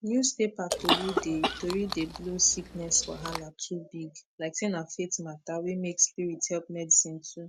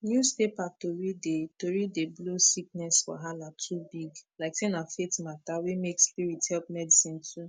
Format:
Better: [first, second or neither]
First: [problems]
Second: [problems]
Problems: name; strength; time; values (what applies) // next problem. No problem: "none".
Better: second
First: background sound (Chewing, mastication / Cough); 2 dB below the speech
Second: none